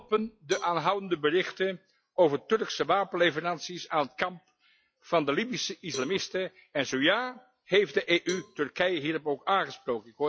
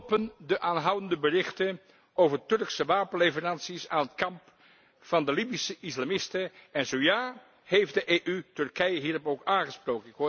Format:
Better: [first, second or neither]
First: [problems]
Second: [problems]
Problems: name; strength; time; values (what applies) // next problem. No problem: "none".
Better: second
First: noise reduction (classical method log-MMSE)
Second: none